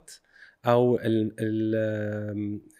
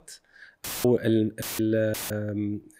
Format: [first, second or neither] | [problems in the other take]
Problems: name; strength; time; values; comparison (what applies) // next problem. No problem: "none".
first | audio cutting out; filled with static; at 0.5 s, at 1.5 s and at 2 s